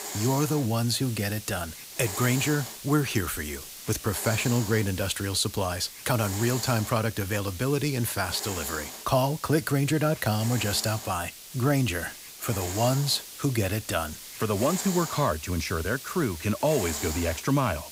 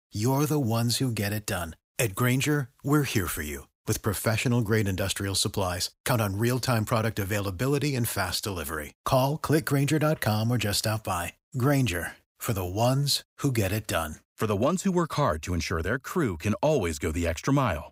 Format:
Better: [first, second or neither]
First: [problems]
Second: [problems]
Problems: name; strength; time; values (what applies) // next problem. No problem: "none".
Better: second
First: hiss; loud; throughout; 9 dB below the speech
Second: none